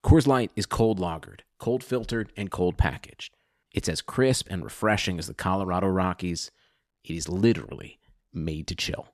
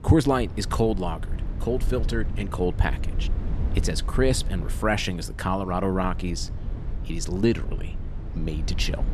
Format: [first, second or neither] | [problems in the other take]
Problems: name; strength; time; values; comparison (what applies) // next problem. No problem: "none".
first | low rumble; noticeable; throughout; 15 dB below the speech